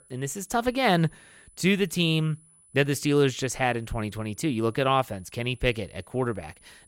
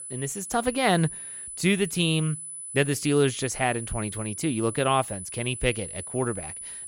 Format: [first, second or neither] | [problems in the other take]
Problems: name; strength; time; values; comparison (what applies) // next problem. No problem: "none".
first | high-pitched whine; loud; throughout; 10 kHz, 9 dB below the speech; faint in the first